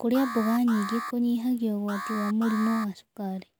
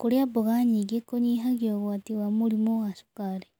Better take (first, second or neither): second